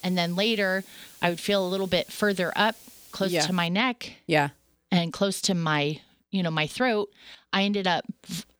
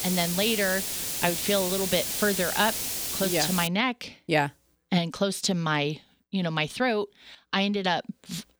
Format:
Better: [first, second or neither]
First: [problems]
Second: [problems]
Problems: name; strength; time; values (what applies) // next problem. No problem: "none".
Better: first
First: hiss; faint; until 3.5 s; 20 dB below the speech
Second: hiss; loud; until 3.5 s; 1 dB below the speech